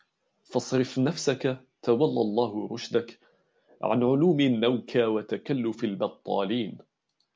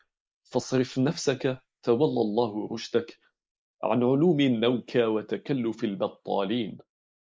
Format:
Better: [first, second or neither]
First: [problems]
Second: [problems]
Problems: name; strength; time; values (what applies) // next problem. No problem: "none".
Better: first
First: none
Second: noise reduction (neural mask model Resemble Enhance denoiser)